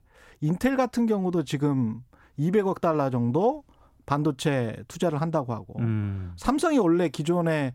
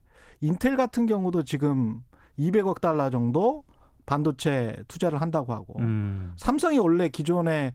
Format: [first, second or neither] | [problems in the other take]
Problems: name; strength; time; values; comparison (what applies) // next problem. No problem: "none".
first | garbled, watery; slightly; nothing above 16 kHz